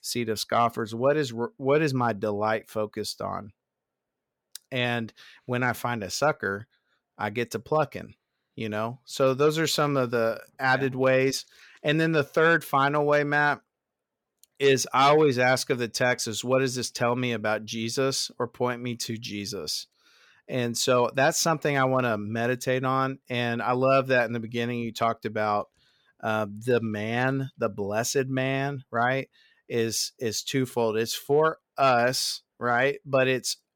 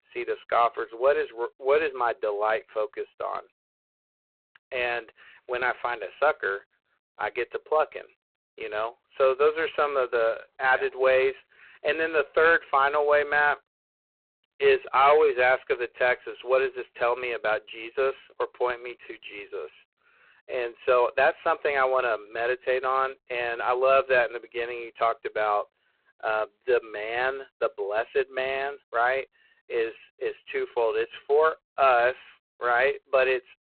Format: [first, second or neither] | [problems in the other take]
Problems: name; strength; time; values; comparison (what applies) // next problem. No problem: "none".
first | phone-call audio; poor line; nothing above 4 kHz